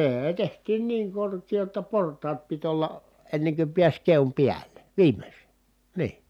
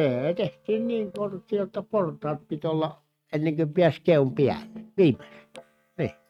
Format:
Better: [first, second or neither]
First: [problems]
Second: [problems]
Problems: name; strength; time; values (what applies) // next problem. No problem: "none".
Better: first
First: none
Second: noise reduction (neural mask model RNNoise)